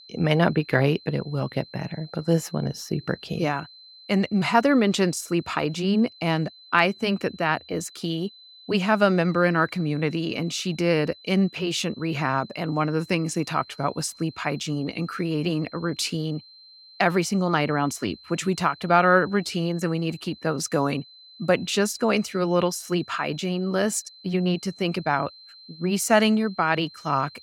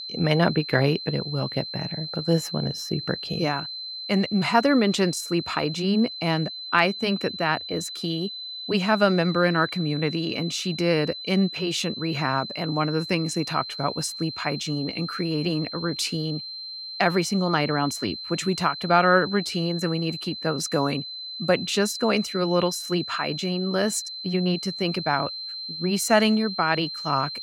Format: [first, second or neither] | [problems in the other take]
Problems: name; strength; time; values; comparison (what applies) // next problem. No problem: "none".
first | high-pitched whine; loud; throughout; 4 kHz, 8 dB below the speech; faint in the first